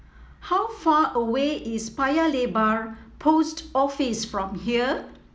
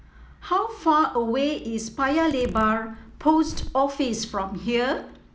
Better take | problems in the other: first | background sound (Zipper (clothing)); 13 dB below the speech

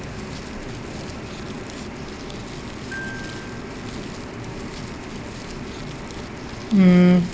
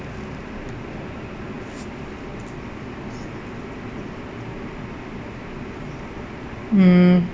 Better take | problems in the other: second | background sound (Glockenspiel + Crumpling, crinkling); 18 dB below the speech

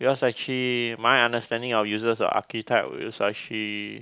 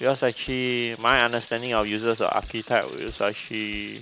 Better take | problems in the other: first | background sound (Bicycle); 19 dB below the speech

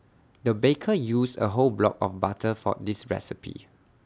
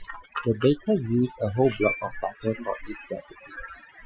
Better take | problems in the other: first | noise reduction (classical method Wiener filter)

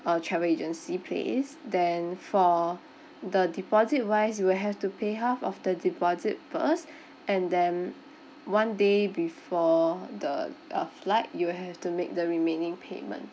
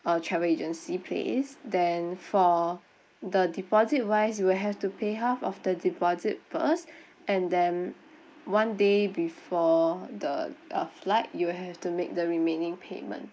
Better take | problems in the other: first | noise reduction (neural mask model Resemble Enhance denoiser)

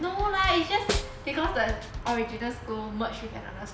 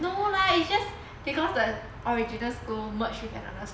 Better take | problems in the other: second | background sound (Drum kit + Snare drum); 5 dB below the speech

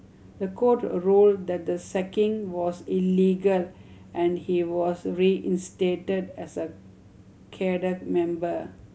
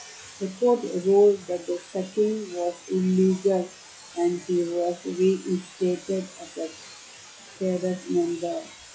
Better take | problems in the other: first | noise reduction (classical method log-MMSE)

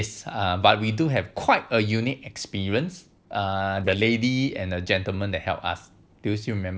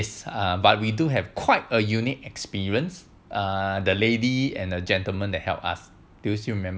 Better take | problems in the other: second | noise reduction (neural separator model SepFormer DNS4)

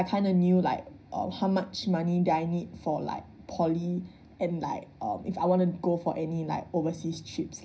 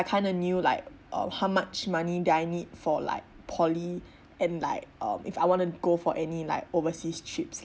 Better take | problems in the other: second | room echo; dies away in 0.5 s

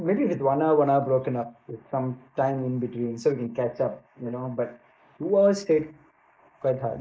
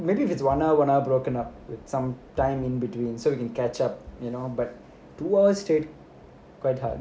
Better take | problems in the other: second | noise reduction (neural mask model Resemble Enhance denoiser)

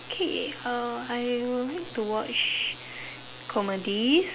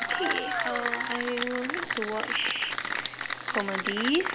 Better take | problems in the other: first | background sound (Applause / Cheering); as loud as the speech

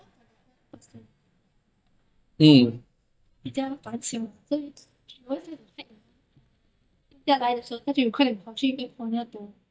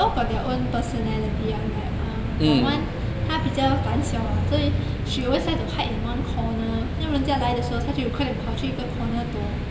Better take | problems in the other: second | noise reduction (neural mask model DeepFilterNet 3)

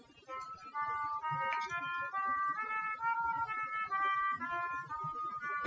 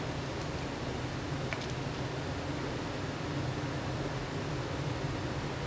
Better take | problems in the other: second | noise reduction (classical method Wiener filter)

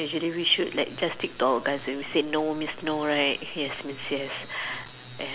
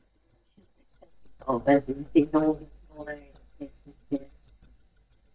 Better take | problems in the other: first | noise reduction (neural mask model DeepFilterNet 3)

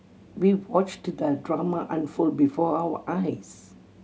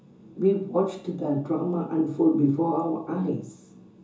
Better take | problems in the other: first | room echo; dies away in 0.7 s

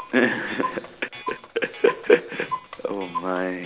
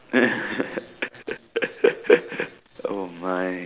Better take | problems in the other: second | background sound (Clock); 11 dB below the speech

